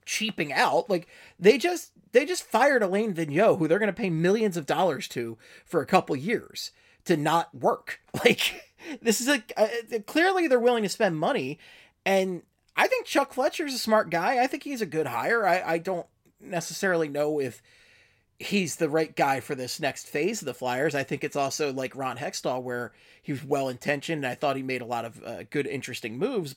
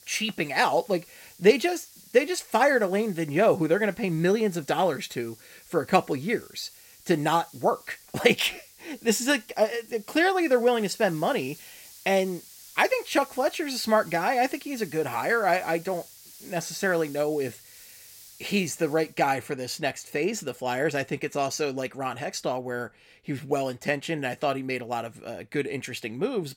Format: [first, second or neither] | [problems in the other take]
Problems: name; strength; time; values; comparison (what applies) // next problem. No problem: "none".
first | hiss; faint; until 19 s; 20 dB below the speech